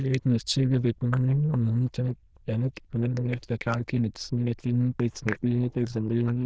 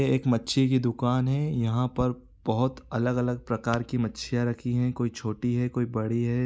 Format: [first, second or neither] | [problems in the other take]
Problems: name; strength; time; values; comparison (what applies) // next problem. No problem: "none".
second | noise reduction (neural diffusion model UNIVERSE++)